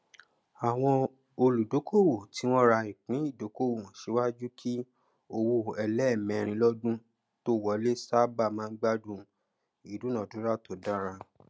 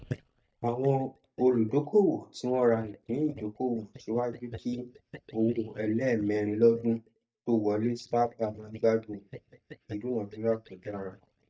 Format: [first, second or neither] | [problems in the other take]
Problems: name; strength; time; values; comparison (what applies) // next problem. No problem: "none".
first | noise reduction (neural mask model DeepFilterNet 3)